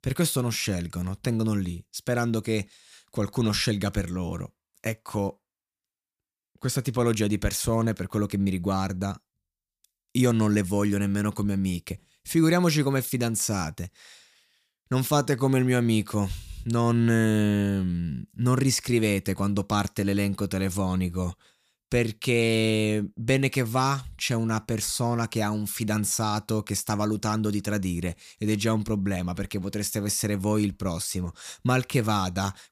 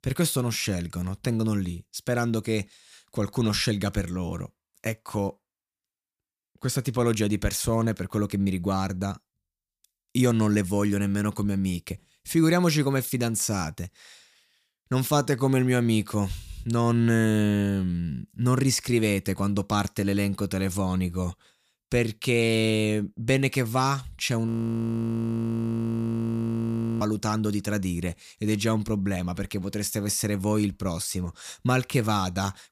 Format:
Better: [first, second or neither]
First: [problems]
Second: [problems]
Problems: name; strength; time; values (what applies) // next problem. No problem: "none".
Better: first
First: none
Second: audio freezing; at 24 s for 2.5 s